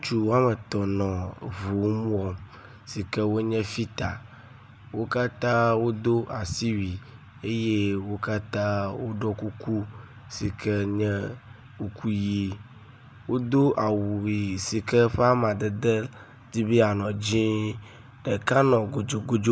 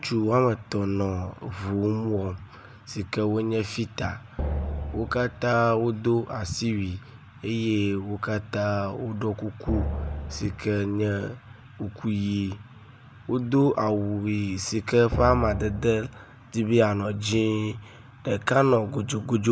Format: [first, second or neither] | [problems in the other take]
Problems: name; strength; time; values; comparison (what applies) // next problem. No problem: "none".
first | background sound (Drum); 7 dB below the speech